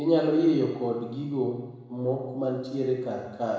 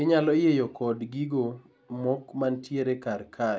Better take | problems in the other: second | room echo; dies away in 1 s

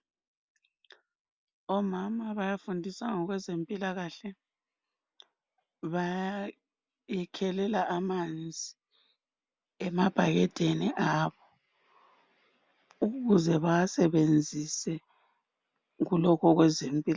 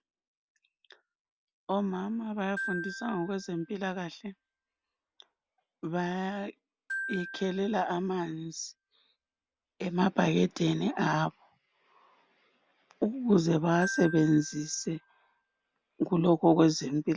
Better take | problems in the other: first | background sound (Glockenspiel); 13 dB below the speech

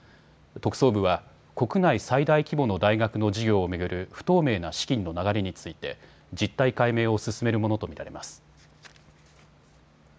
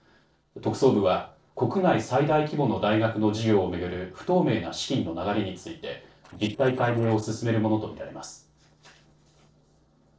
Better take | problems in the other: first | noise reduction (neural separator model SepFormer DNS4)

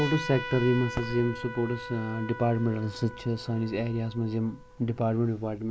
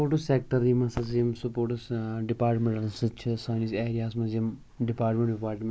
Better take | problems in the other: second | background sound (Trumpet); 12 dB below the speech

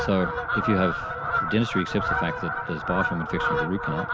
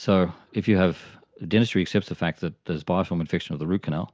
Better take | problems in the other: second | background sound (Fowl); as loud as the speech

